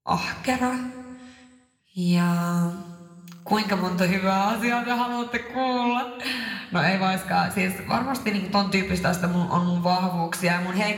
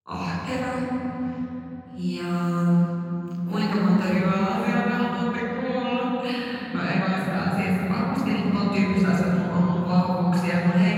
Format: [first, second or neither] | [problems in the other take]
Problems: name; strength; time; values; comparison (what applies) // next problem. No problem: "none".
first | room echo; strong; dies away in 3 s; slight in the first // off-mic speech; far